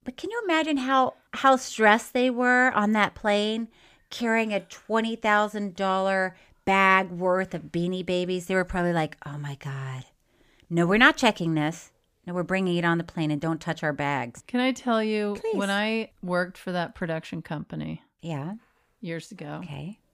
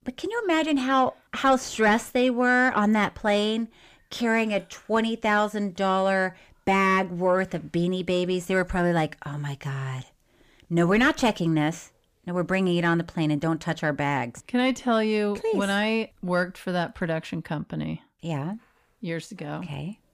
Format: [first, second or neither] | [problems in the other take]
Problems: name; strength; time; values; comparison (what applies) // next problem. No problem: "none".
first | distortion; slight; 10 dB below the speech